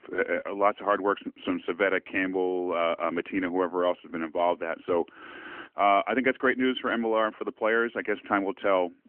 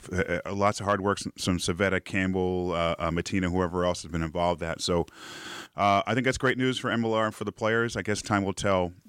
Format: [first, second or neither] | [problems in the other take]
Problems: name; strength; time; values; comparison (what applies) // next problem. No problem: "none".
second | phone-call audio; nothing above 3 kHz